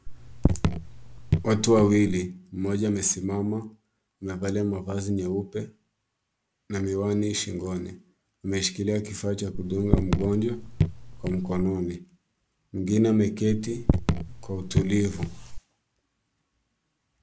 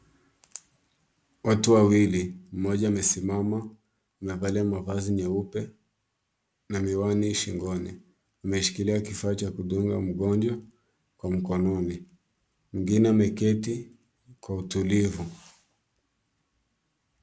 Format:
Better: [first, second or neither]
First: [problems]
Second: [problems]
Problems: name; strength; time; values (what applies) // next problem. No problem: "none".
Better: second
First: background sound (Raindrop / Drip); as loud as the speech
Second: none